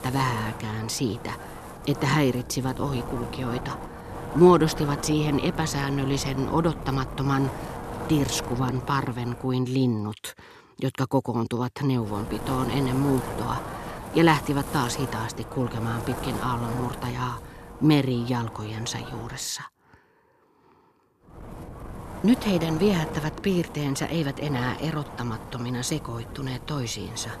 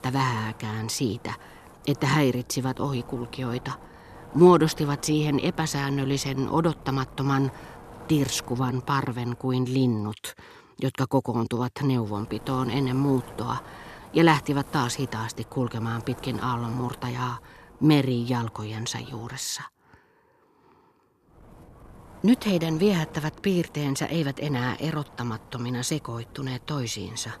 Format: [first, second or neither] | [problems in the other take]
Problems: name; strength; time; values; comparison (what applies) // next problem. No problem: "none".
second | wind noise on the microphone; heavy; until 9.5 s, from 12 to 19 s and from 21 s on; 9 dB below the speech; occasional gusts in the second